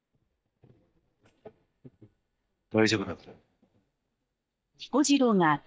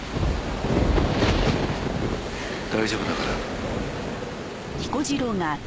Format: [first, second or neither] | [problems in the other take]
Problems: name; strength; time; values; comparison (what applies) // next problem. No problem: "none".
second | noise reduction (neural mask model DeepFilterNet 3)